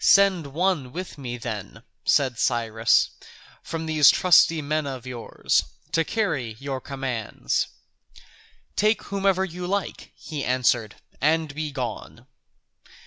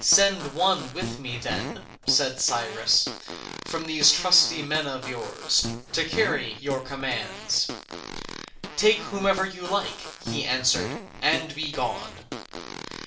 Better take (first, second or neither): first